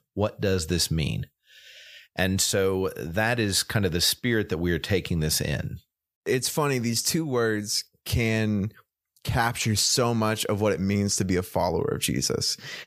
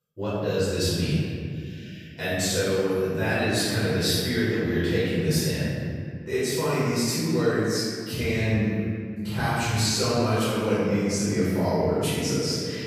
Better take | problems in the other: first | off-mic speech; far // room echo; strong; dies away in 2.1 s

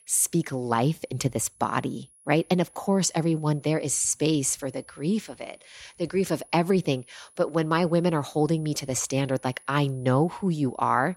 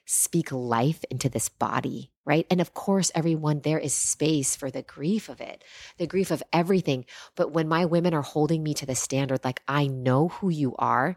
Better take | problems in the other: second | high-pitched whine; faint; throughout; 10.5 kHz, 25 dB below the speech

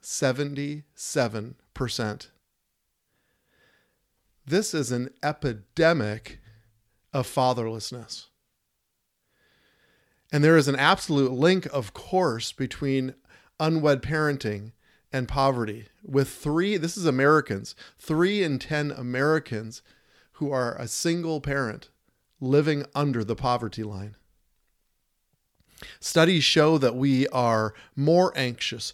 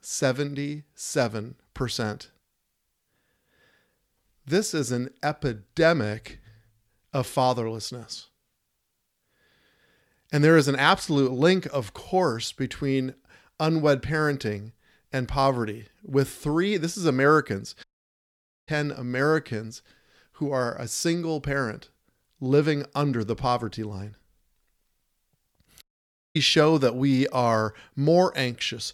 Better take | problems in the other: first | audio cutting out; at 18 s for 1 s and at 26 s for 0.5 s

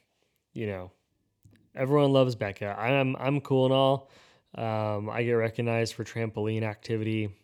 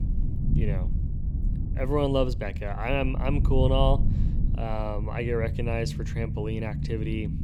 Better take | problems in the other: first | low rumble; noticeable; throughout; 10 dB below the speech

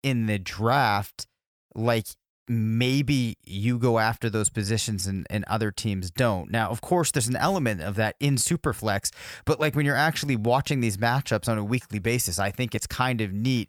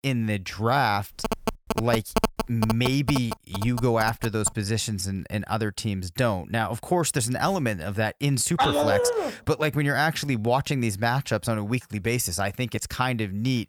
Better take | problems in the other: first | phone ringing; noticeable; from 1 to 4.5 s; peak 1 dB below the speech // dog barking; loud; at 8.5 s; peak 3 dB above the speech

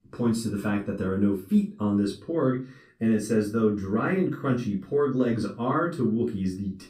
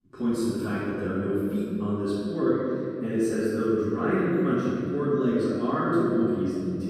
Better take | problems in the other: first | room echo; strong; dies away in 2.3 s; slight in the first // off-mic speech; far; far in the first

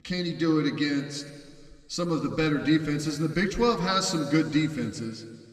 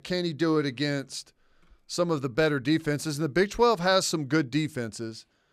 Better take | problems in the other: second | room echo; slight; dies away in 1.9 s // off-mic speech; somewhat distant

